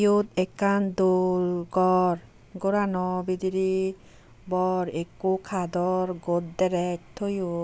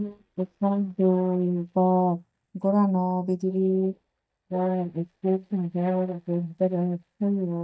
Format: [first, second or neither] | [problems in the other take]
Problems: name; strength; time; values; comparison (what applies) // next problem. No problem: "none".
first | noise reduction (neural mask model DeepFilterNet 3)